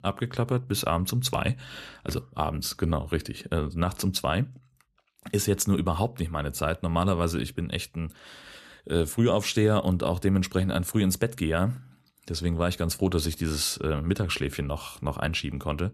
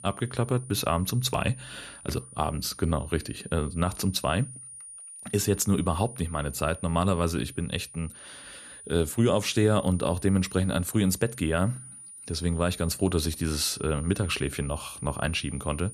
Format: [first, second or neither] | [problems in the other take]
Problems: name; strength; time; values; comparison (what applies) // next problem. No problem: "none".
first | high-pitched whine; noticeable; throughout; 9.5 kHz, 15 dB below the speech